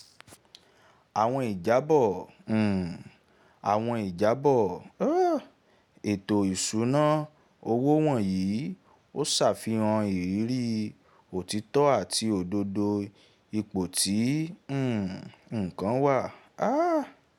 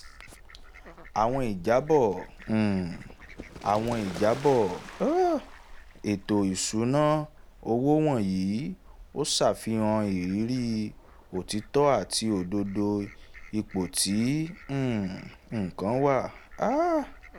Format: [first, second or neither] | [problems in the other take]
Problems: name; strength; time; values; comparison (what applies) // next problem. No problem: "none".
first | background sound (Fowl); 18 dB below the speech